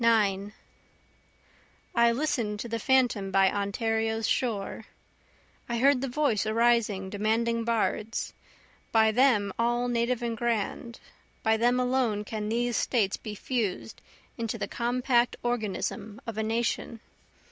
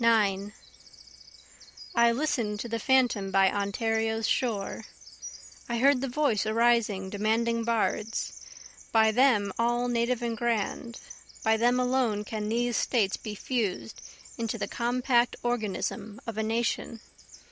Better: first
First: none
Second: background sound (Bird vocalization, bird call, bird song); 19 dB below the speech

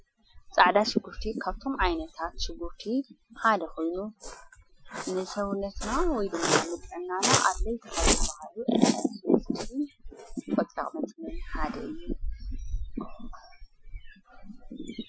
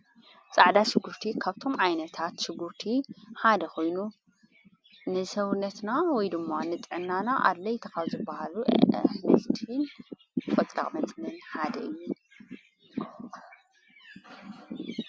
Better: second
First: noise reduction (classical method Wiener filter)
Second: none

